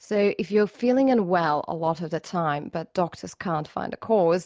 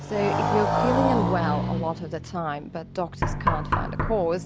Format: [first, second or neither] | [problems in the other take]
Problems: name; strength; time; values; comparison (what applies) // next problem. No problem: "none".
first | background sound (Knock + Motorcycle); 1 dB above the speech